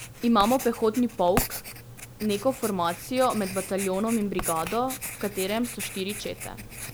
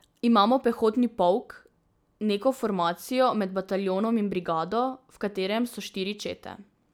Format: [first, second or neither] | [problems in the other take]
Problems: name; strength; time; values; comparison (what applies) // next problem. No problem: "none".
second | background sound (Writing); 9 dB below the speech